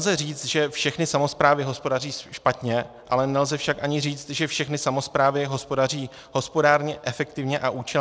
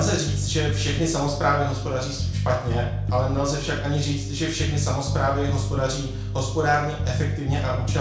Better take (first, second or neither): first